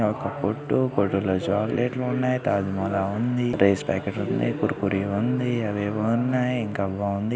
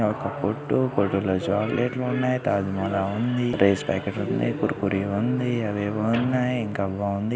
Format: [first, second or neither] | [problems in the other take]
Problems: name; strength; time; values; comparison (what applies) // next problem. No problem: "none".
first | background sound (Squeak / Slam); 19 dB below the speech